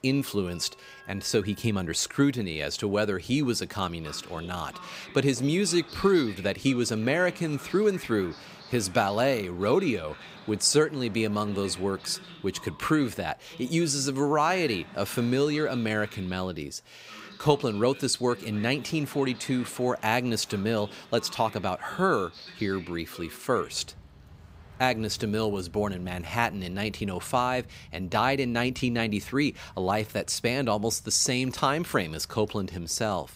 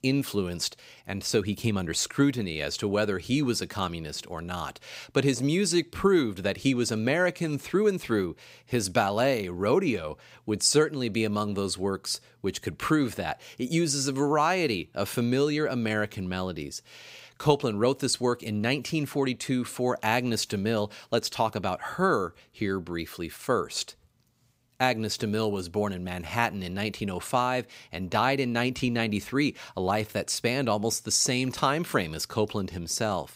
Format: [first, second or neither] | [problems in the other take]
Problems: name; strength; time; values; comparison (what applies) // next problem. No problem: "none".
second | train or aircraft noise; noticeable; throughout; 20 dB below the speech